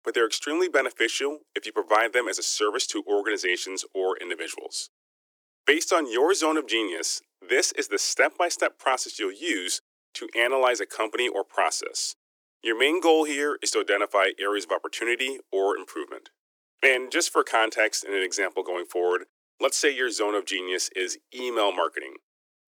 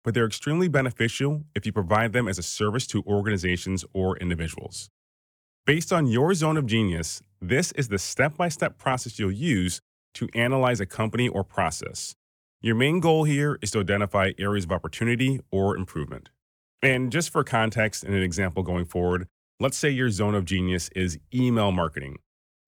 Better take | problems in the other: second | thin; very; fading below 300 Hz

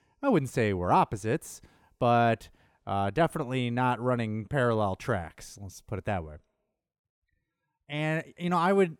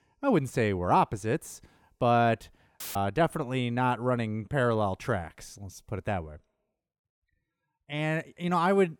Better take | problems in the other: first | audio cutting out; filled with static; at 3 s

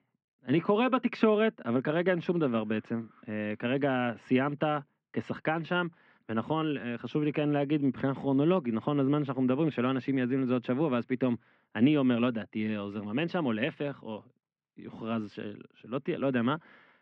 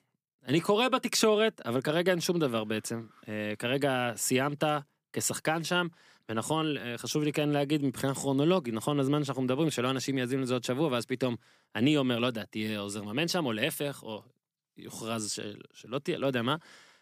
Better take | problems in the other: second | muffled; very; fading above 2.5 kHz

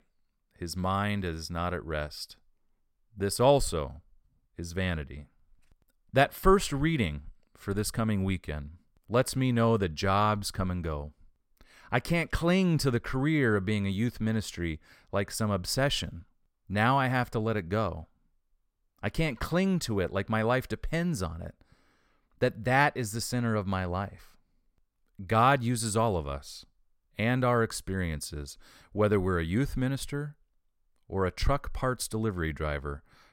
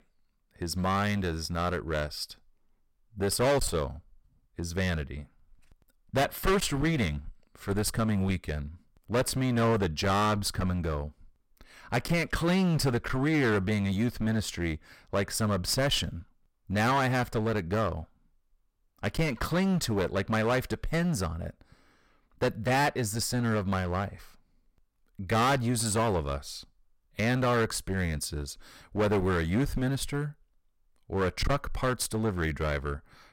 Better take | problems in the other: first | distortion; heavy; 11% of the sound clipped

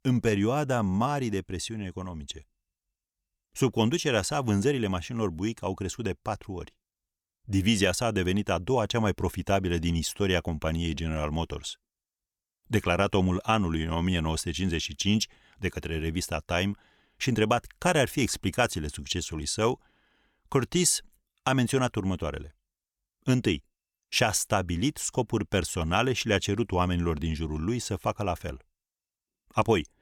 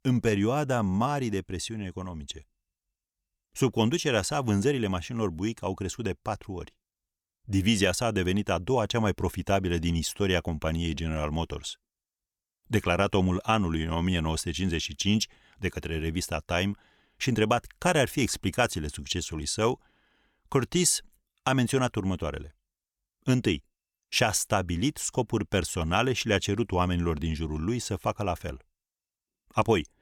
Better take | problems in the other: neither | none

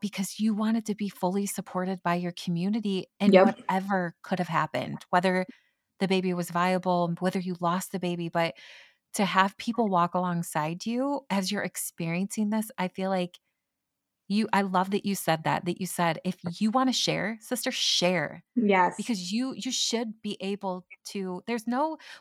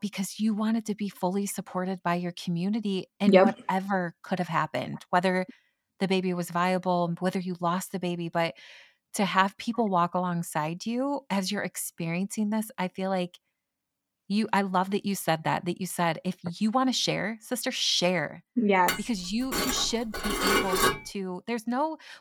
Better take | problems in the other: first | clattering dishes; loud; from 19 to 21 s; peak 5 dB above the speech

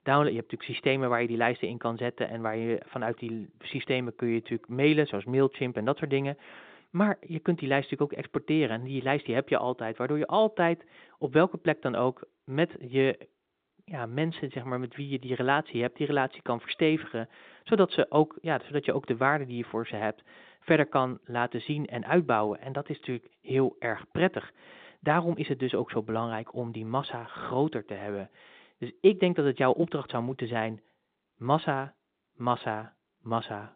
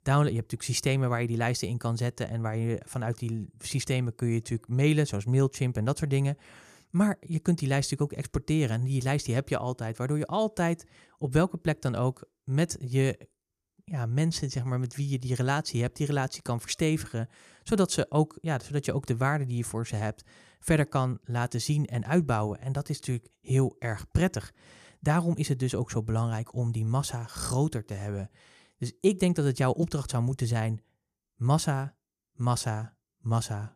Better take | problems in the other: second | phone-call audio; nothing above 3.5 kHz

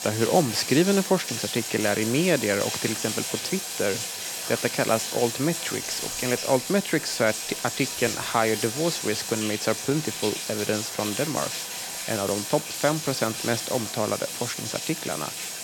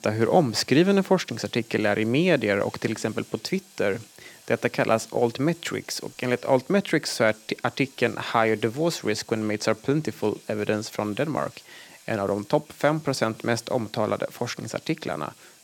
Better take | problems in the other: second | rain or running water; loud; throughout; 3 dB below the speech; faint in the second

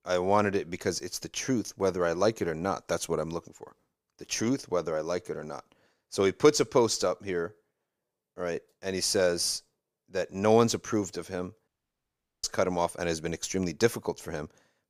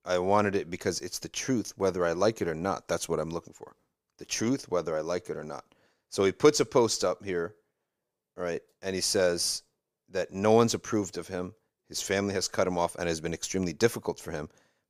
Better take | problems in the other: second | audio cutting out; at 12 s for 1 s

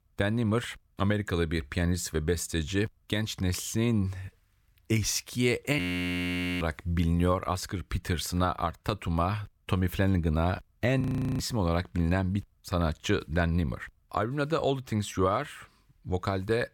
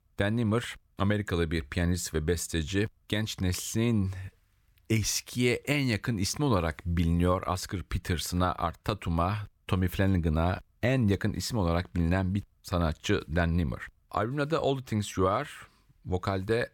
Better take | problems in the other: second | audio freezing; at 6 s for 1 s and at 11 s

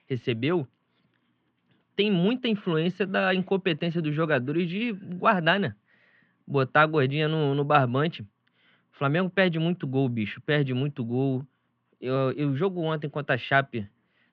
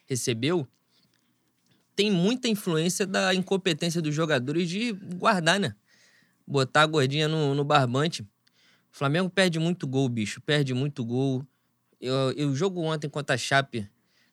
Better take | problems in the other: second | muffled; very; fading above 3 kHz

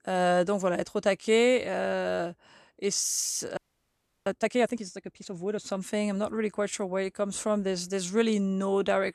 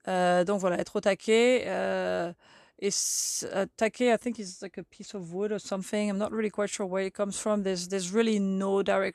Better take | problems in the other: second | audio freezing; at 3.5 s for 0.5 s

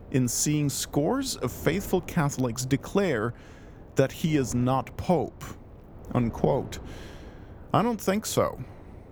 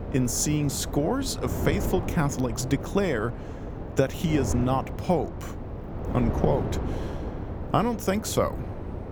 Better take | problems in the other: first | wind noise on the microphone; heavy; 9 dB below the speech; occasional gusts in the first

